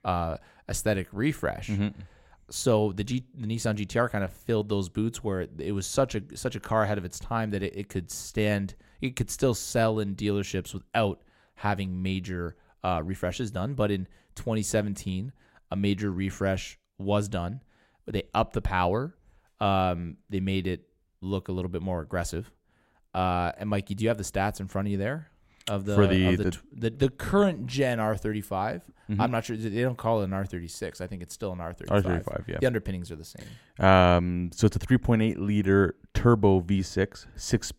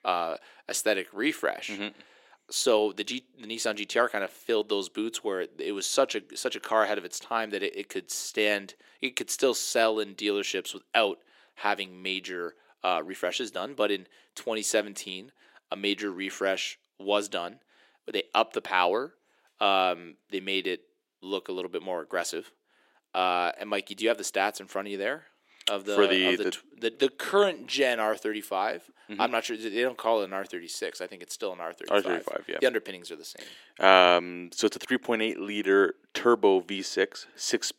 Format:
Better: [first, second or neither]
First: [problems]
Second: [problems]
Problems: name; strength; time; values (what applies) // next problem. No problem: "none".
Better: first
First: none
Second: thin; somewhat; fading below 350 Hz